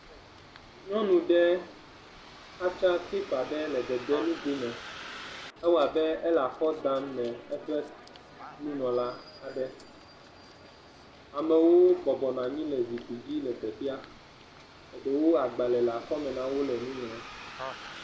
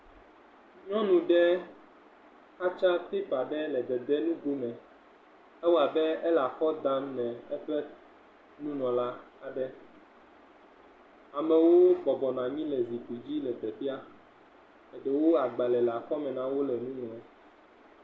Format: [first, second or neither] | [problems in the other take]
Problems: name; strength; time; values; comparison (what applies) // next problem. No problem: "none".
second | background sound (Bus); 18 dB below the speech